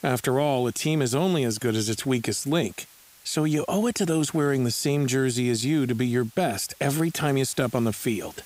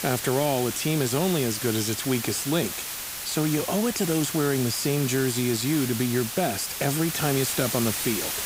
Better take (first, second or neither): first